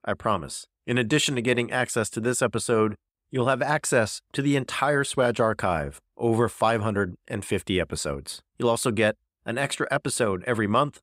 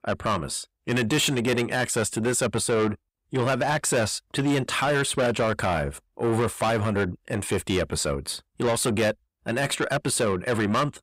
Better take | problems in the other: first | distortion; heavy; 8 dB below the speech

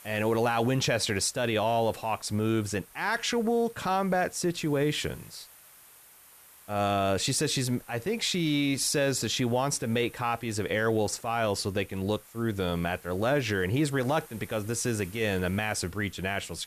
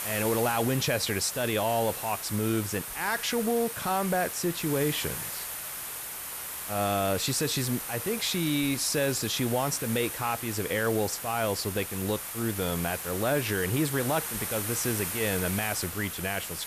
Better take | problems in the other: first | hiss; loud; throughout; 5 dB below the speech; faint in the first

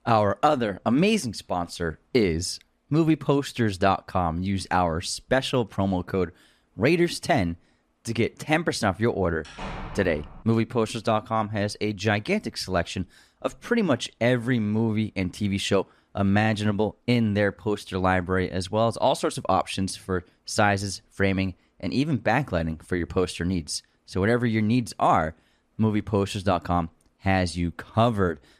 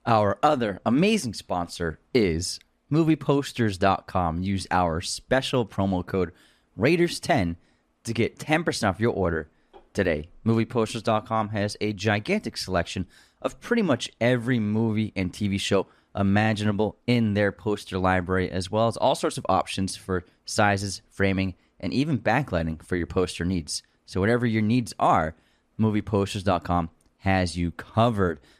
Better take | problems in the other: second | door banging; faint; at 9.5 s; peak 10 dB below the speech

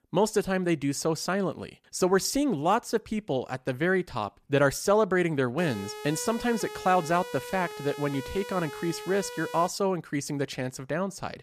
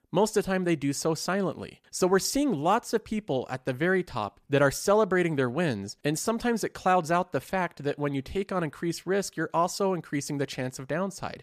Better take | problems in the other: second | siren; faint; from 5.5 to 9.5 s; peak 10 dB below the speech

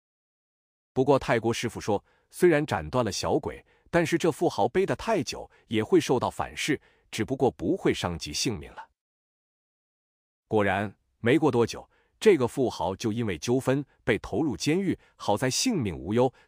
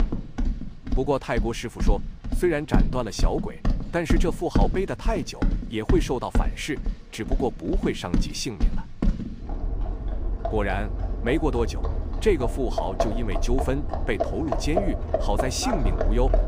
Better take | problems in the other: first | animal sounds; loud; throughout; 1 dB below the speech

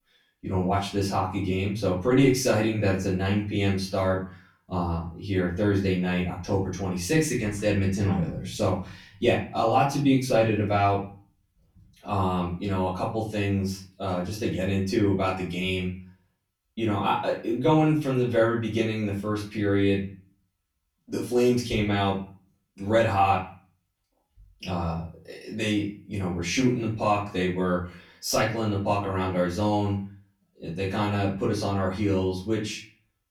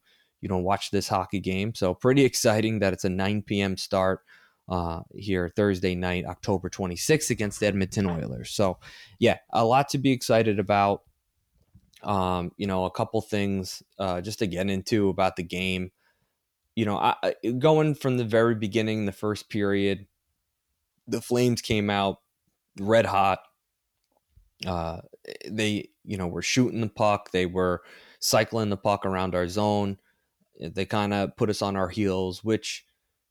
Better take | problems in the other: second | off-mic speech; far // room echo; slight; dies away in 0.4 s

